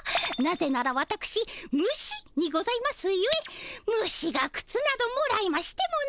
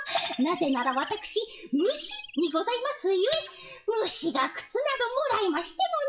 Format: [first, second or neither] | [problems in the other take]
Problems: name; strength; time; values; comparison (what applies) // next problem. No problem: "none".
first | noise reduction (classical method WPE with log-MMSE)